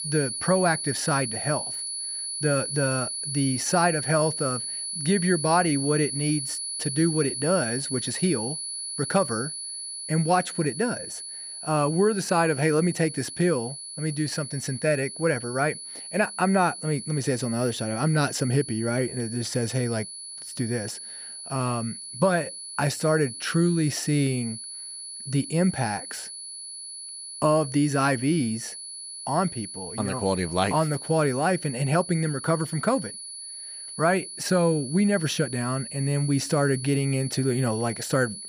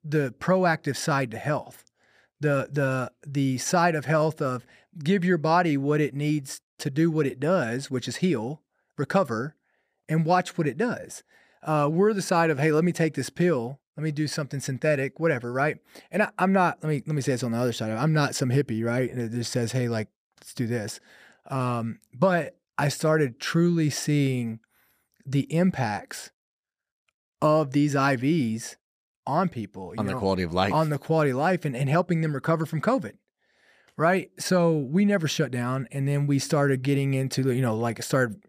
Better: second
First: high-pitched whine; loud; throughout; 10.5 kHz, 7 dB below the speech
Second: none

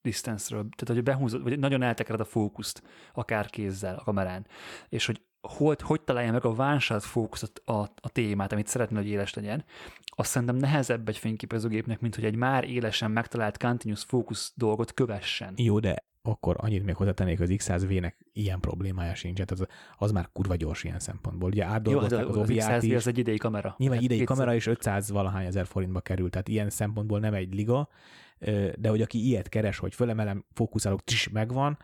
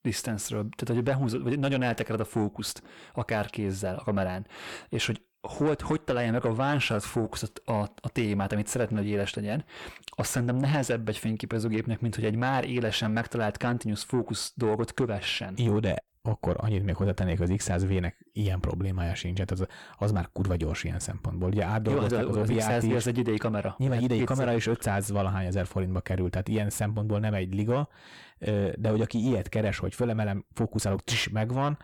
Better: first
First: none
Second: distortion; slight; 10 dB below the speech

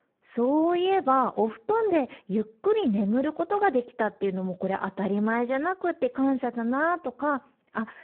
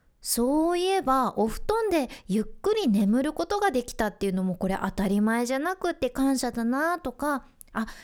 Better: second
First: phone-call audio; poor line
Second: none

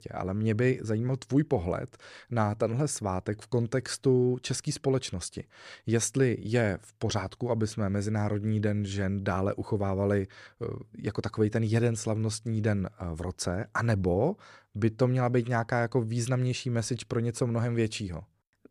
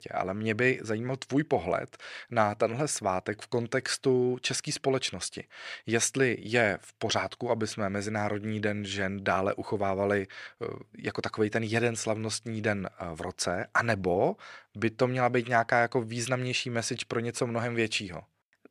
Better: first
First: none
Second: thin; somewhat; fading below 250 Hz

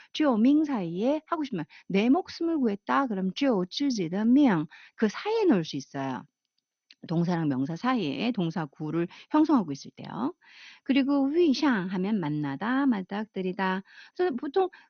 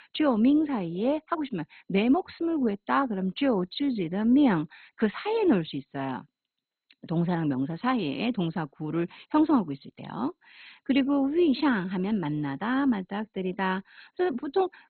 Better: first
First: garbled, watery; slightly; nothing above 6.5 kHz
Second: garbled, watery; badly; nothing above 4 kHz

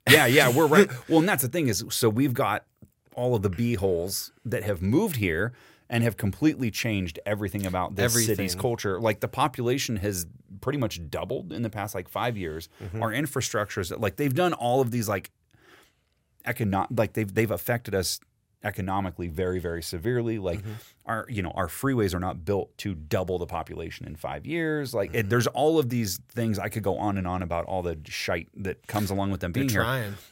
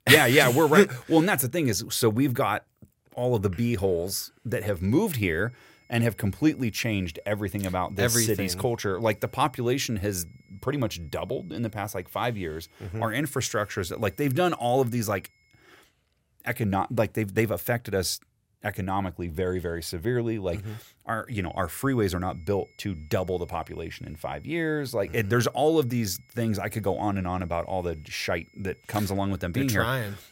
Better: first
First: none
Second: high-pitched whine; faint; from 4.5 to 16 s and from 21 s on; 2 kHz, 35 dB below the speech

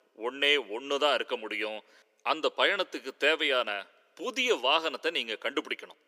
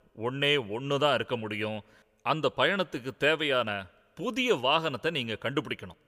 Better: second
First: thin; somewhat; fading below 300 Hz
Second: none

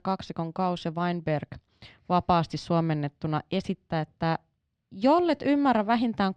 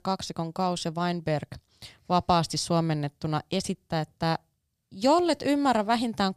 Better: second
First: muffled; slightly; fading above 2.5 kHz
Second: none

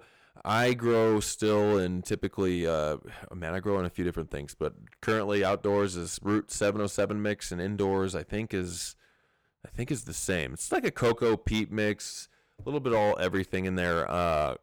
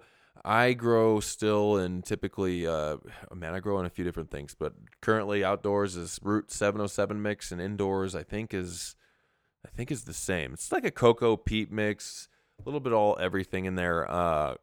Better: second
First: distortion; slight; 5% of the sound clipped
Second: none

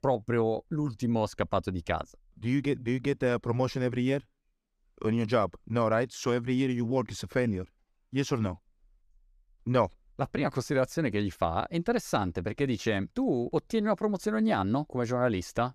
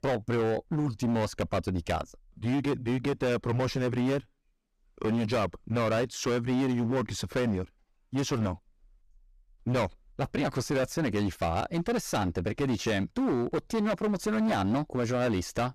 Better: first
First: none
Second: distortion; heavy; 17% of the sound clipped

